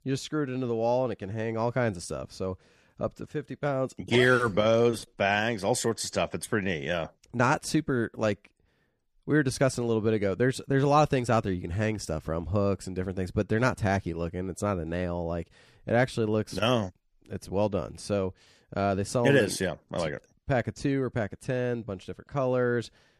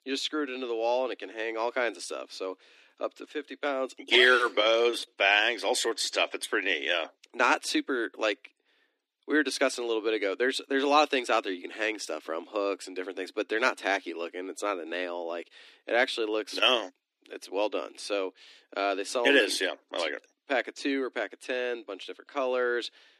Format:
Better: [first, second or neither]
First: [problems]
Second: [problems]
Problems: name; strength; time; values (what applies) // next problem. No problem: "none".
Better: first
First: none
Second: thin; somewhat; fading below 250 Hz